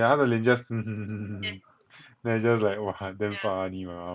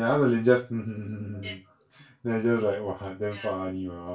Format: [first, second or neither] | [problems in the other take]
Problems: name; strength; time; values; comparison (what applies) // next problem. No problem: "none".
first | room echo; dies away in 0.2 s